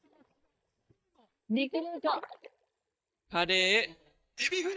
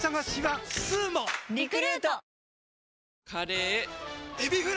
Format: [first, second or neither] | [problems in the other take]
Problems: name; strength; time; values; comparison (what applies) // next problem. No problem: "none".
second | noise reduction (neural mask model DeepFilterNet 3)